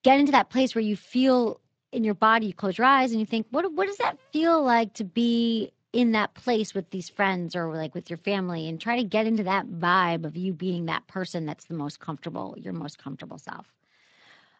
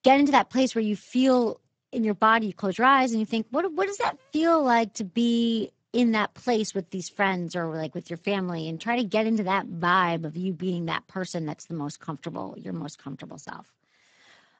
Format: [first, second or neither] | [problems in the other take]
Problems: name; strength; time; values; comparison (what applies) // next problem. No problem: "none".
first | garbled, watery; badly; nothing above 7.5 kHz; slightly in the first